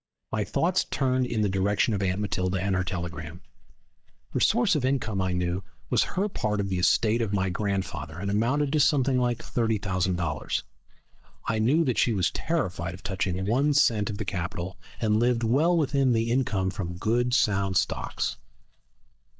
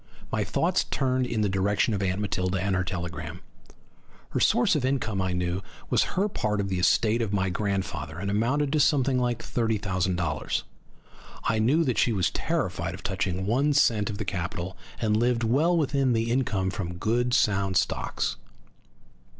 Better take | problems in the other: second | noise reduction (neural mask model DeepFilterNet 3)

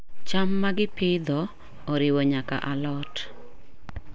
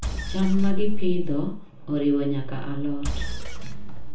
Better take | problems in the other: first | background sound (Engine); 12 dB below the speech // room echo; dies away in 1 s

